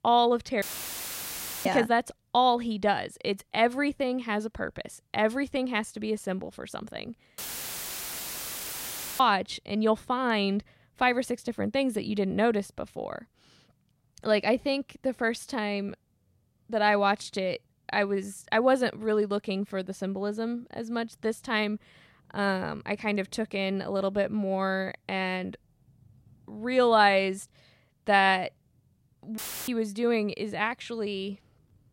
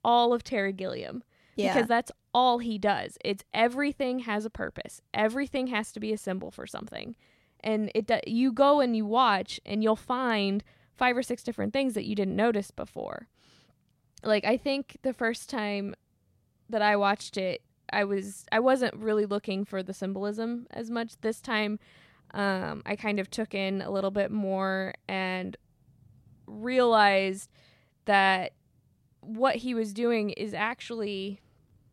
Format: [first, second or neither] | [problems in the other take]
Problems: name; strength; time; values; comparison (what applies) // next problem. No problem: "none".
second | audio cutting out; filled with static; at 0.5 s for 1 s, at 7.5 s for 2 s and at 29 s